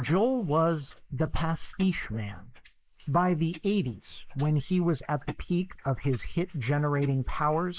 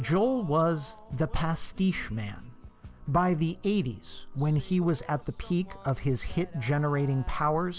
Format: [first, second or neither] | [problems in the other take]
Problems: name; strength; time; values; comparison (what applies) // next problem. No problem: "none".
second | noise reduction (neural mask model Resemble Enhance denoiser)